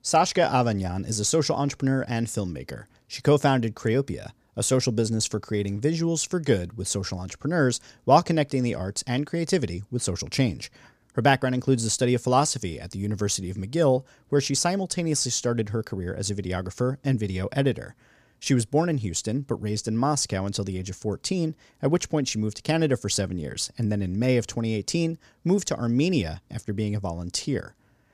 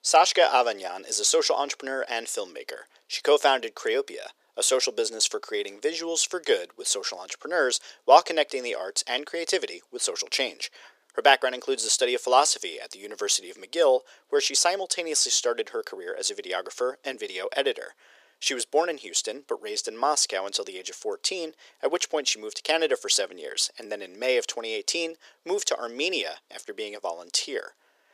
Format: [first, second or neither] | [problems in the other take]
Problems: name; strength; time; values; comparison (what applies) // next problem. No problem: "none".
first | thin; very; fading below 400 Hz